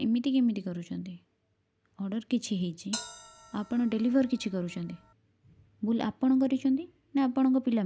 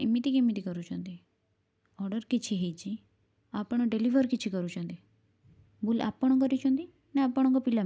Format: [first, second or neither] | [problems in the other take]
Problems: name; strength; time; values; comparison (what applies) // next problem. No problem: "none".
second | background sound (Bell); 16 dB below the speech